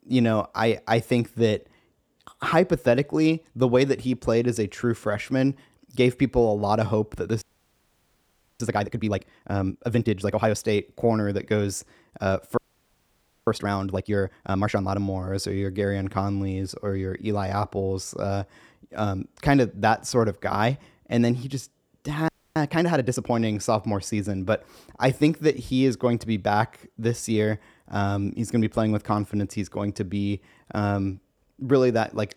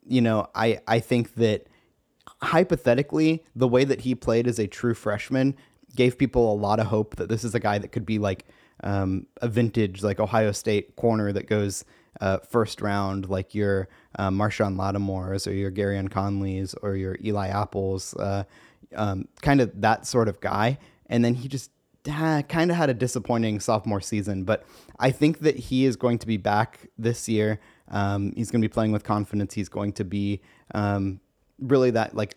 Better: second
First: audio freezing; at 7.5 s for 1 s, at 13 s for 1 s and at 22 s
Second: none

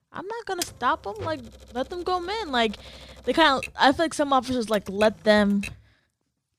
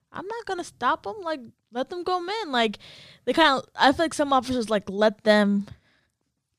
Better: second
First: keyboard typing; noticeable; from 0.5 to 5.5 s; peak 9 dB below the speech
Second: none

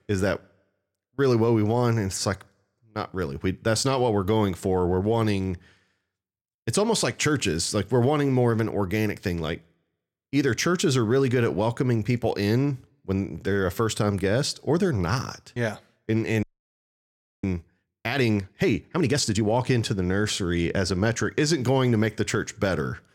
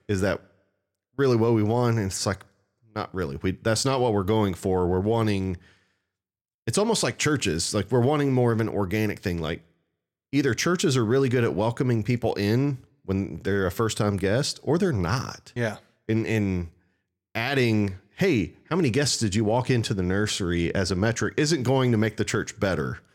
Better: second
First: audio freezing; at 16 s for 1 s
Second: none

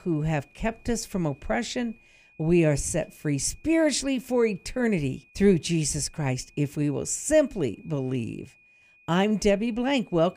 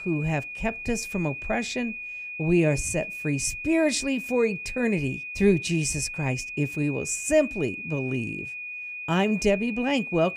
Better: first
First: high-pitched whine; faint; throughout; 2.5 kHz, 30 dB below the speech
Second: high-pitched whine; loud; throughout; 2.5 kHz, 7 dB below the speech

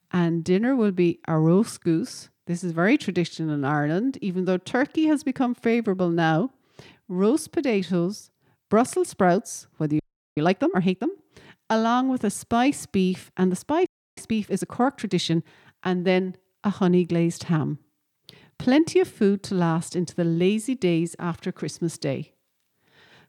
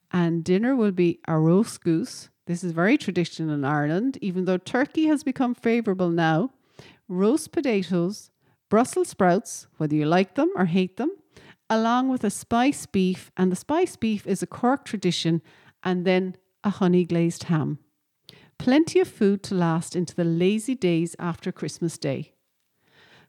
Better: second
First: audio freezing; at 10 s and at 14 s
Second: none

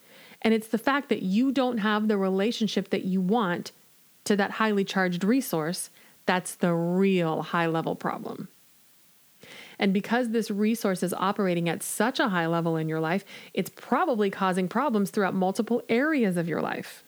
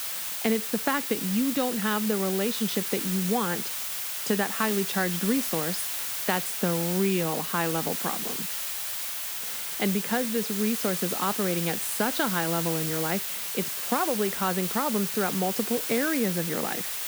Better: first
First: hiss; faint; throughout; 30 dB below the speech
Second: hiss; loud; throughout; 1 dB below the speech

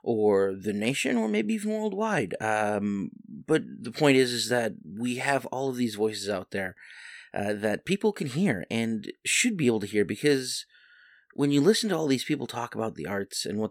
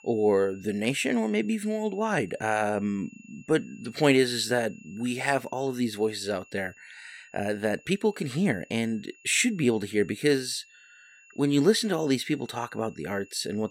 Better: first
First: none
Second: high-pitched whine; faint; throughout; 2.5 kHz, 25 dB below the speech

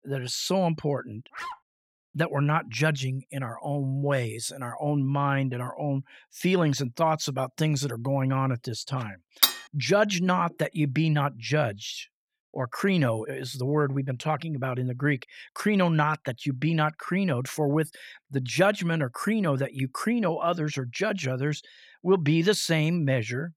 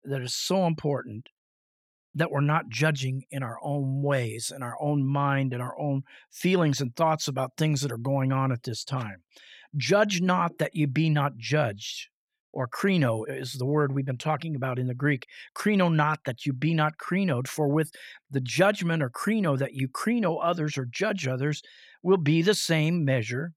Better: second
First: dog barking; faint; at 1.5 s; peak 10 dB below the speech // clattering dishes; loud; at 9.5 s; peak 5 dB above the speech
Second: none

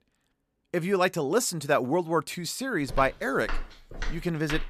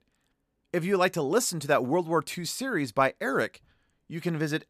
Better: second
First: footsteps; faint; from 3 s on; peak 10 dB below the speech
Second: none

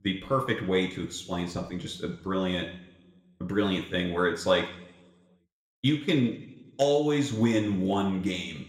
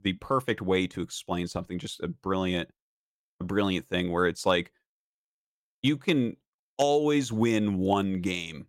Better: second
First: room echo; slight; dies away in 0.7 s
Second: none

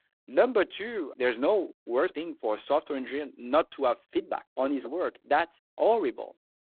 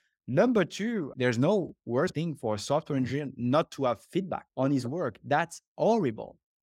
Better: second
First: phone-call audio; poor line; nothing above 3.5 kHz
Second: none

